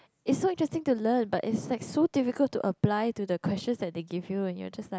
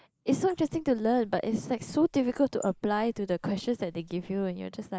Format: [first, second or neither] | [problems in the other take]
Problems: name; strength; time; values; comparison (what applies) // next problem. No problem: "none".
first | noise reduction (neural mask model Resemble Enhance denoiser)